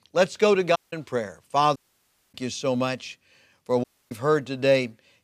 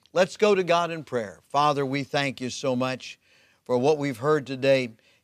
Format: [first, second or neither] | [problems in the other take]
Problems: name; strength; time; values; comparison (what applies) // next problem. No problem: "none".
second | audio cutting out; at 1 s, at 2 s for 0.5 s and at 4 s